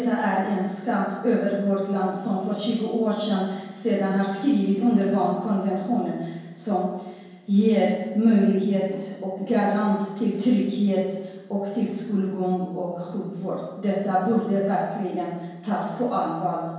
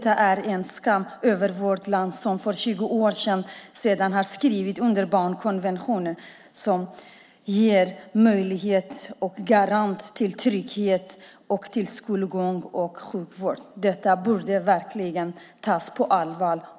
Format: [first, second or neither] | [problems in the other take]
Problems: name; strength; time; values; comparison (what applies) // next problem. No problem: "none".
second | room echo; dies away in 1 s